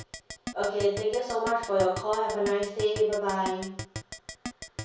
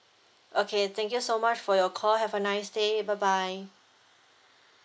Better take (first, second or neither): second